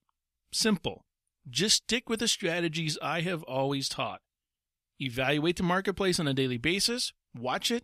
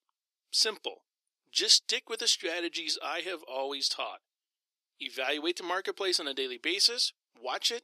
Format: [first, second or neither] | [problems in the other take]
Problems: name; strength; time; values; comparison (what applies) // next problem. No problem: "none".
first | thin; very; fading below 350 Hz